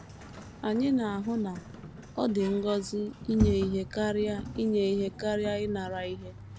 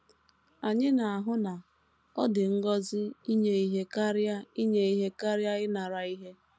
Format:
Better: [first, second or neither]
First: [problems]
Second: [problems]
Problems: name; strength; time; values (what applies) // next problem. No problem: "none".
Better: second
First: background sound (Sliding door); 8 dB below the speech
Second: none